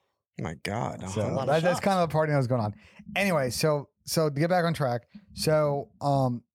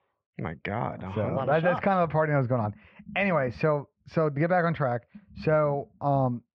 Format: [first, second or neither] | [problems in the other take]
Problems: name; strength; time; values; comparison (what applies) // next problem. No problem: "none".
first | muffled; very; fading above 3 kHz